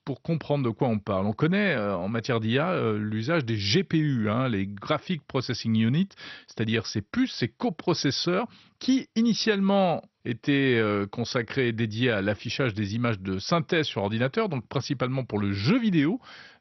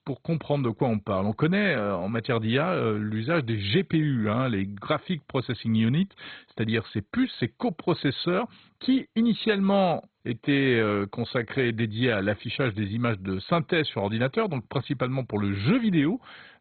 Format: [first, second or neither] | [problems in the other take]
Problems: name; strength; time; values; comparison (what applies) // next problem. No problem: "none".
first | garbled, watery; badly; nothing above 4 kHz; slightly in the first